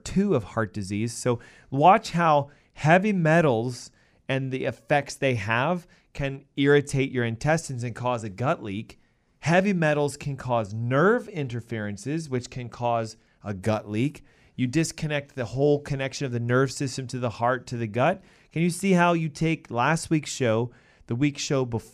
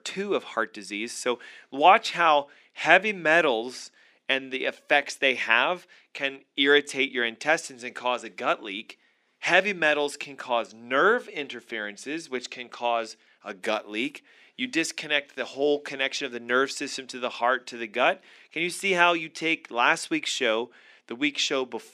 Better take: first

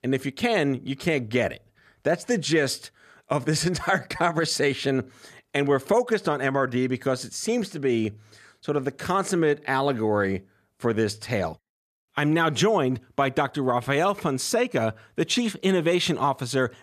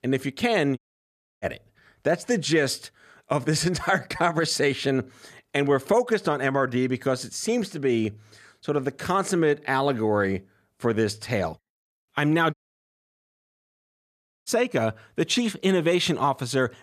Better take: first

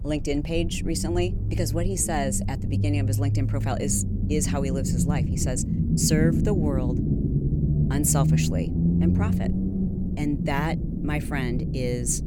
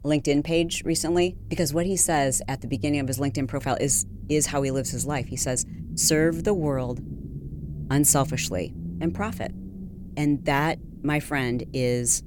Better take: second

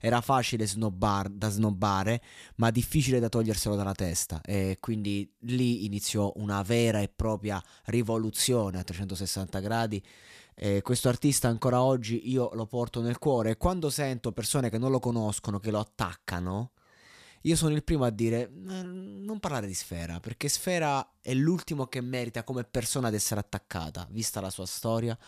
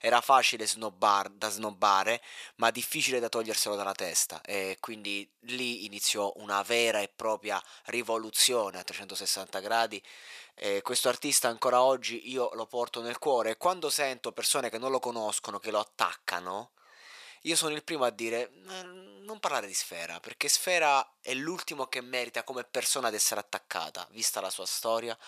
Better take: first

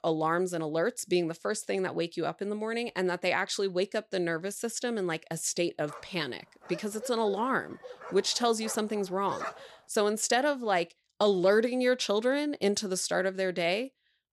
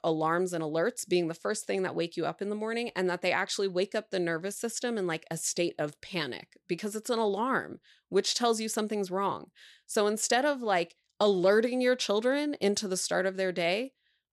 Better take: second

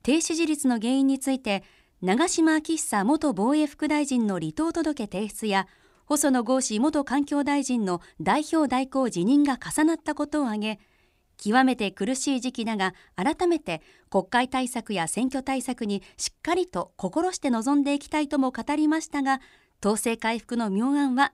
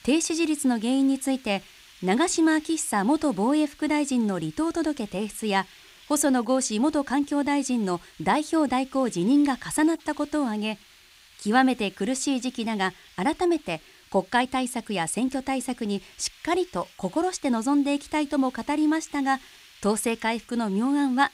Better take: first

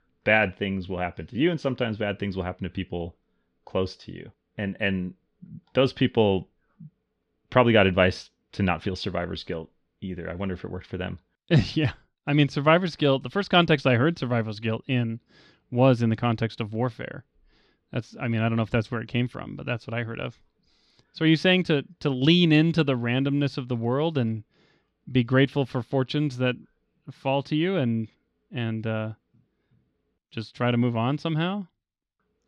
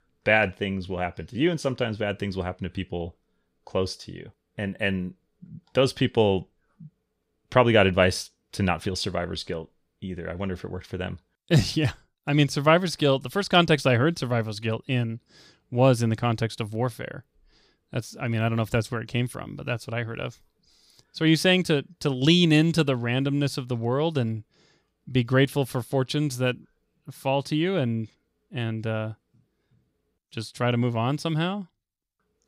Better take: second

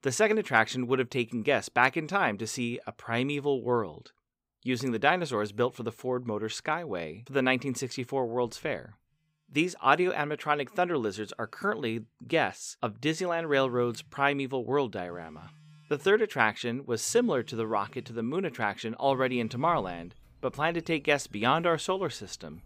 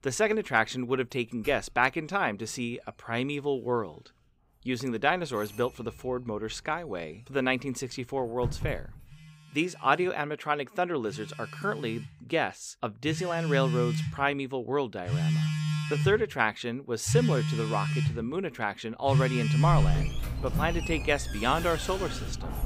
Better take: first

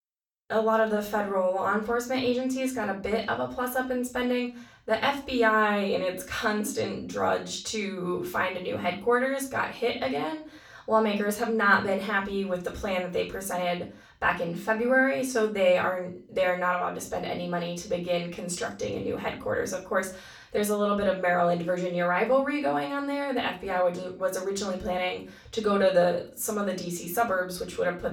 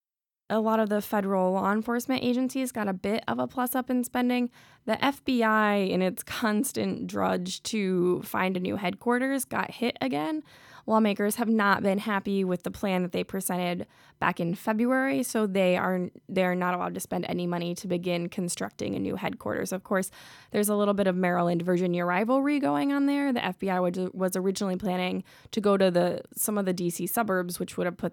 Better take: second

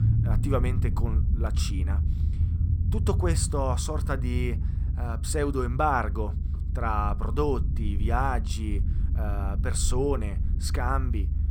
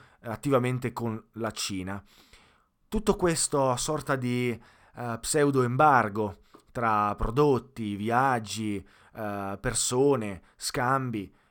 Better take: second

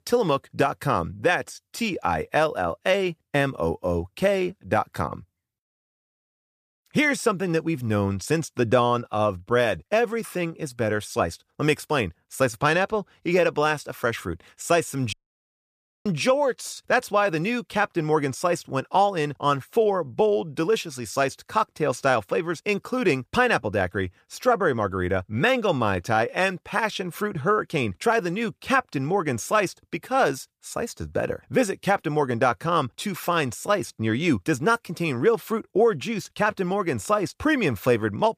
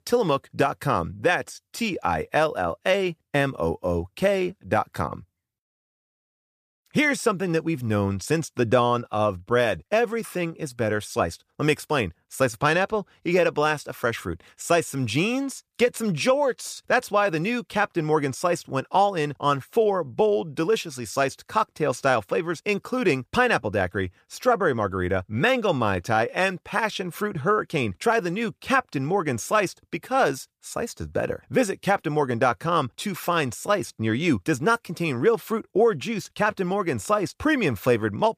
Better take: second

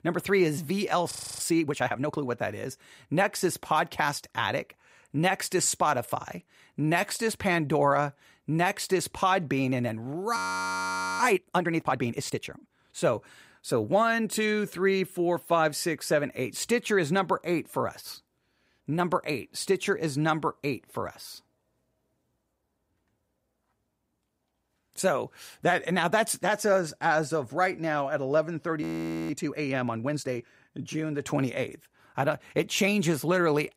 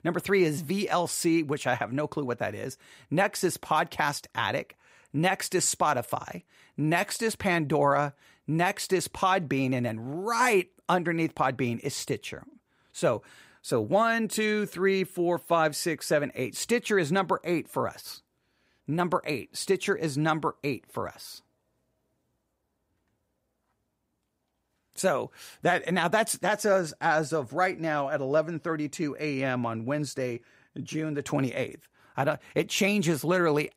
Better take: second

